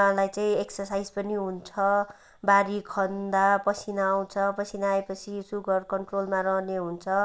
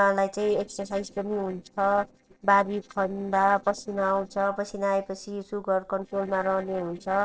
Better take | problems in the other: first | noise reduction (neural separator model SepFormer DNS4)

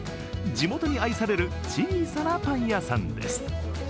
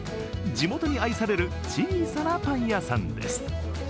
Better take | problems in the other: first | background sound (Brass instrument); 18 dB below the speech

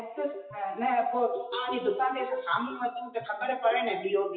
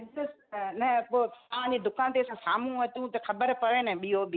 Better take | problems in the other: second | noise reduction (classical method WPE with log-MMSE)

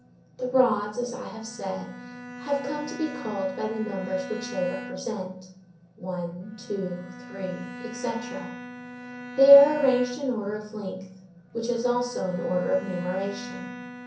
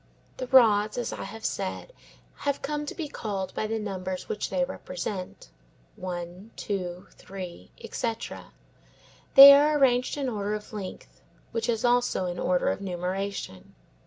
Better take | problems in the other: second | background sound (Bowed string instrument); 13 dB below the speech // room echo; dies away in 0.6 s

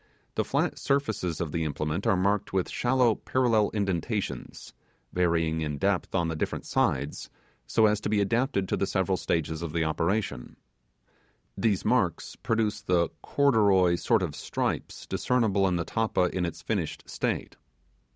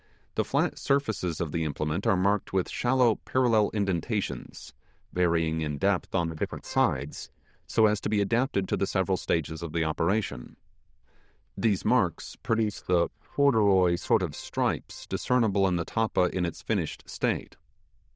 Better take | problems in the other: first | noise reduction (neural diffusion model UNIVERSE++)

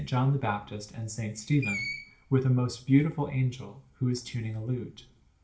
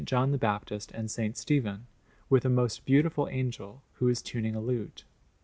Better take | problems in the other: second | background sound (Screech); 13 dB below the speech // room echo; dies away in 0.3 s

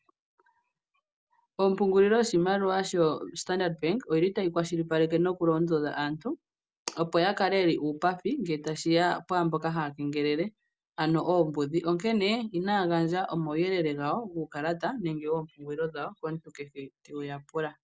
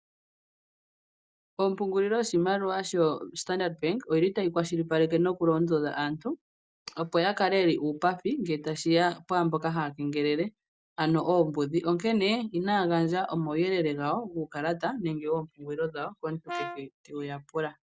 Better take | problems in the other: first | noise reduction (neural mask model DeepFilterNet 3)

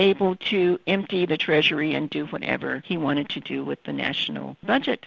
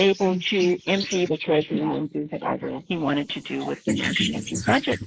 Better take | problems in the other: first | noise reduction (neural mask model Resemble Enhance denoiser)

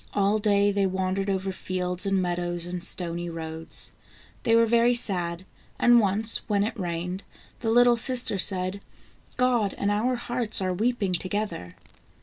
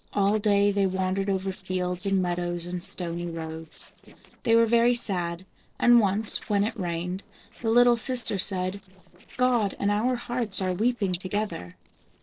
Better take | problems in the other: first | noise reduction (neural separator model SepFormer DNS4)

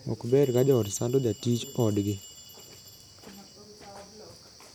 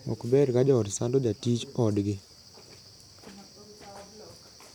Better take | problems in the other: second | background sound (Bell); 19 dB below the speech

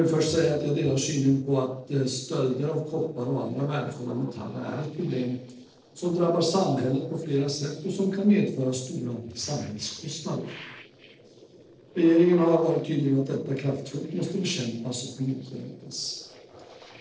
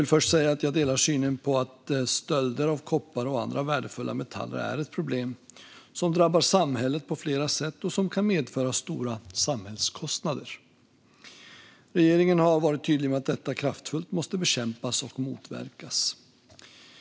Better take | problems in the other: second | noise reduction (neural separator model SepFormer DNS4)

